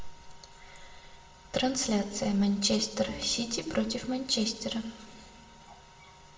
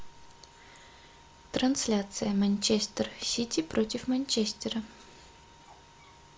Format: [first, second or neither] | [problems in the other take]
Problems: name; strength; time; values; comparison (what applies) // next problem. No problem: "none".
second | background sound (Bowed string instrument); 18 dB below the speech // room echo; dies away in 1 s